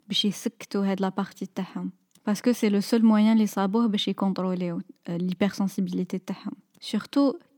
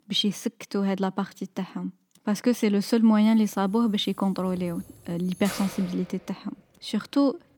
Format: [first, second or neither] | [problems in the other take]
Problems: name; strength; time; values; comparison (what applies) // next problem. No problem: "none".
first | jangling keys; noticeable; from 4 to 6.5 s; peak 9 dB below the speech